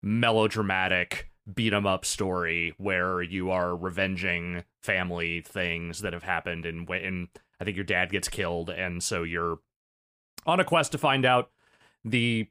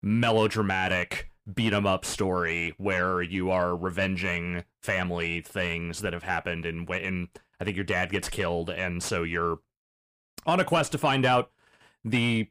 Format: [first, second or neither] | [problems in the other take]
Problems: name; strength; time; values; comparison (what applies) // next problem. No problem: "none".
first | distortion; slight; 10 dB below the speech